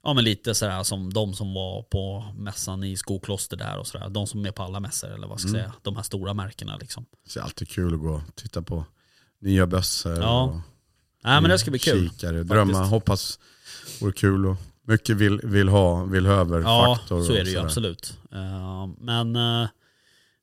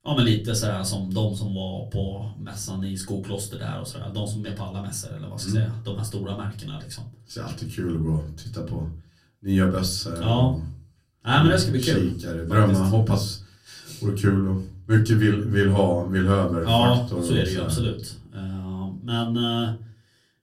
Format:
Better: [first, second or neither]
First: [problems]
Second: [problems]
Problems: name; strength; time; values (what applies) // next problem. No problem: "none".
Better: first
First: none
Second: off-mic speech; far // room echo; very slight; dies away in 0.3 s